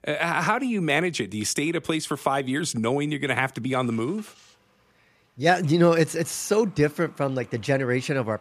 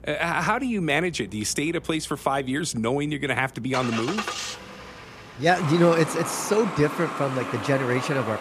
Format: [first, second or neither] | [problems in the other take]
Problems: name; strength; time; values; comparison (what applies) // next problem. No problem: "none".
first | traffic noise; loud; throughout; 7 dB below the speech; faint in the first